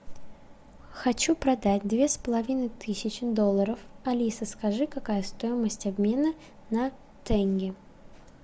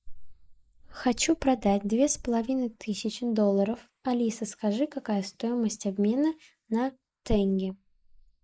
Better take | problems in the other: first | noise reduction (neural mask model Resemble Enhance denoiser)

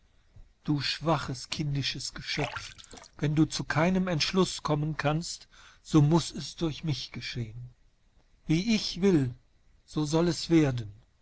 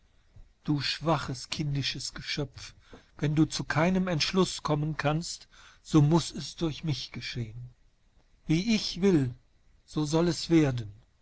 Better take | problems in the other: second | background sound (Splash, splatter); 15 dB below the speech

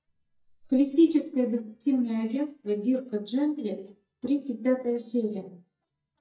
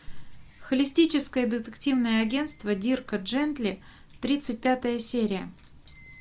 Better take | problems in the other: second | noise reduction (neural mask model DeepFilterNet 3)

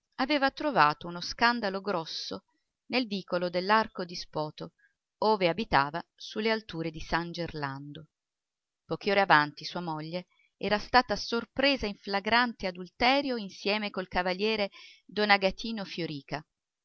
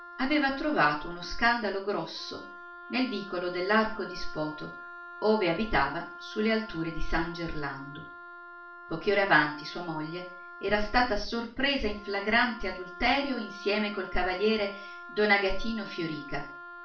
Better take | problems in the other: first | background sound (Wind instrument, woodwind instrument); 15 dB below the speech // room echo; dies away in 0.4 s

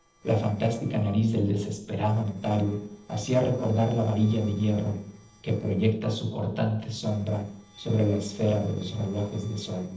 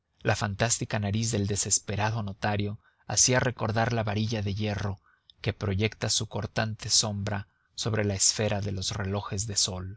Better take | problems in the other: second | noise reduction (neural separator model SepFormer DNS4)

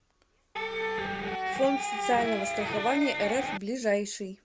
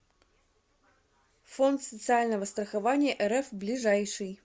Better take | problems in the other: second | background sound (Electric guitar); 1 dB below the speech

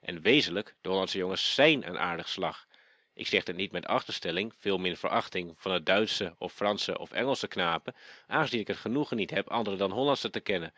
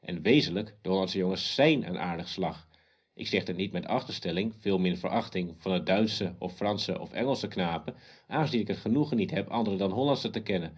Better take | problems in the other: first | room echo; dies away in 0.5 s

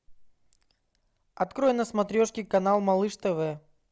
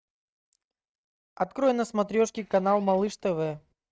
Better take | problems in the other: first | noise reduction (neural mask model RNNoise)

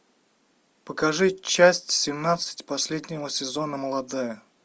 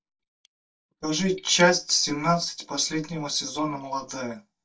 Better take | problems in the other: first | noise reduction (neural mask model DeepFilterNet 3)

